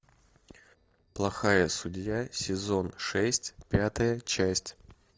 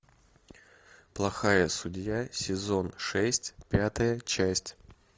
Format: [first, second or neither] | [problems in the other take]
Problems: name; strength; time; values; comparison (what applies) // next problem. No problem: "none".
second | noise reduction (neural separator model SepFormer DNS4)